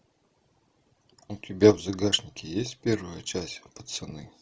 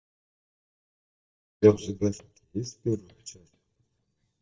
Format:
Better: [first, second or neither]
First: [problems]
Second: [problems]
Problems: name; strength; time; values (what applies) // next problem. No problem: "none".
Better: first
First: none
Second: noise reduction (neural mask model DeepFilterNet 3)